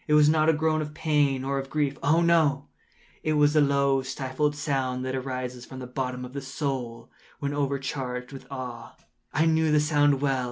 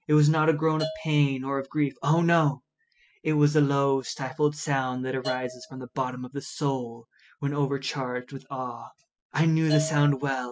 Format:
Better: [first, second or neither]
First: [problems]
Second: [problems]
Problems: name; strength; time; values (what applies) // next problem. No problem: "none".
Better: first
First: none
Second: noise reduction (classical method spectral subtraction)